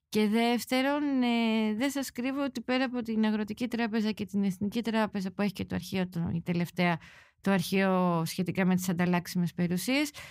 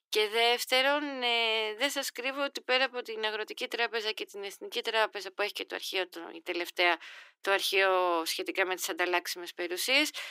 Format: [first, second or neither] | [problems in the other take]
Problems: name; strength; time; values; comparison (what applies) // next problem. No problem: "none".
first | thin; very; fading below 300 Hz